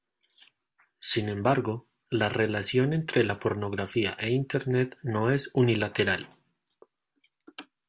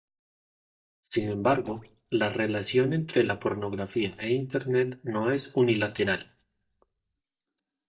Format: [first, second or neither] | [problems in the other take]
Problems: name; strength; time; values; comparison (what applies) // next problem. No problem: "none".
first | noise reduction (neural mask model DeepFilterNet 3)